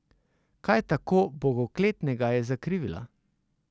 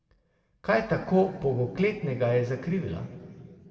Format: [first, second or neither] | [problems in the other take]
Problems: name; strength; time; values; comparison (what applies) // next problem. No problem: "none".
first | room echo; dies away in 2.4 s